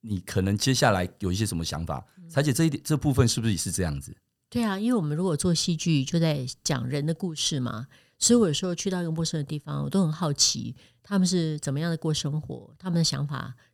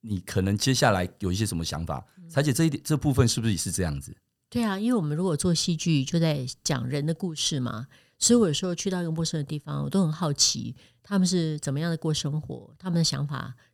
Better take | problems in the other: neither | none

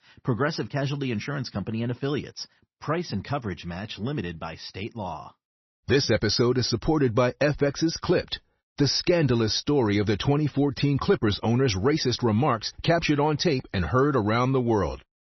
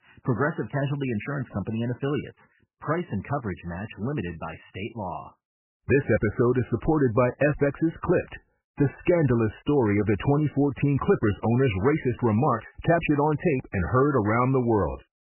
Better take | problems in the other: first | garbled, watery; badly; nothing above 3 kHz; slightly in the first

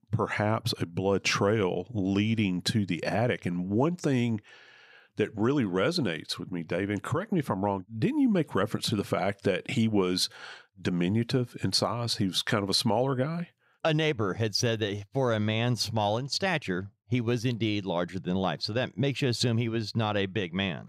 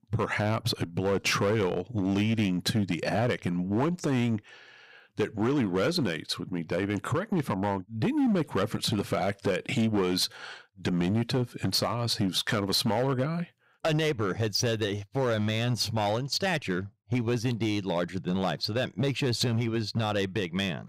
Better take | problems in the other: first | distortion; slight; 9% of the sound clipped

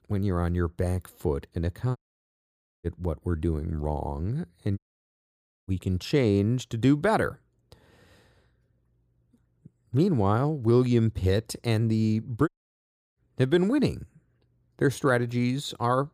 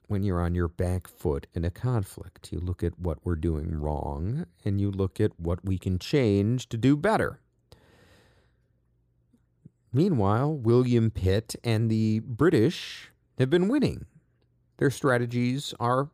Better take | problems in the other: second | audio cutting out; at 2 s for 1 s, at 5 s for 1 s and at 12 s for 0.5 s

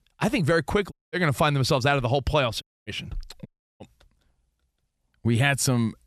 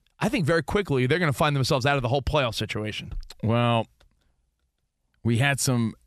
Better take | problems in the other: second | audio cutting out; at 1 s, at 2.5 s and at 3.5 s

